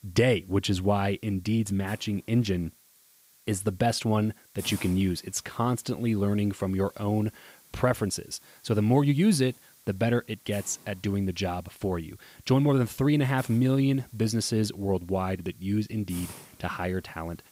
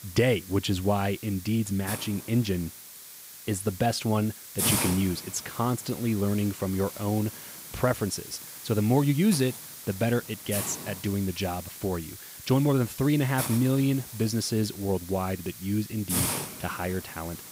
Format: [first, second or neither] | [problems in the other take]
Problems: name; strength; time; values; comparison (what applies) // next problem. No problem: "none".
first | hiss; loud; throughout; 8 dB below the speech; faint in the first